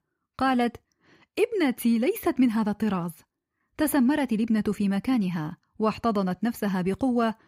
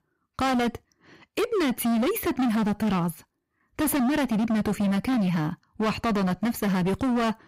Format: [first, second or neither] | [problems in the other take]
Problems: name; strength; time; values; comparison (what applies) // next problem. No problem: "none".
first | distortion; heavy; 28% of the sound clipped